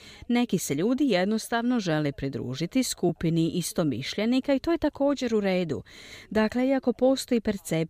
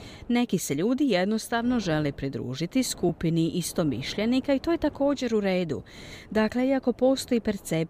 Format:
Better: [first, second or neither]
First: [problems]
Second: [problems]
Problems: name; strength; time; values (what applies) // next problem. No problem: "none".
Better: first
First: none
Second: wind noise on the microphone; occasional gusts; 25 dB below the speech